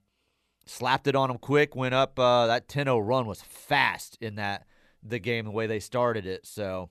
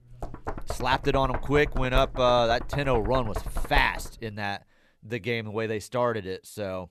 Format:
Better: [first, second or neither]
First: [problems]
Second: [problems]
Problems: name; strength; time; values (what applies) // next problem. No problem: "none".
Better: first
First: none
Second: door banging; noticeable; until 4 s; peak 6 dB below the speech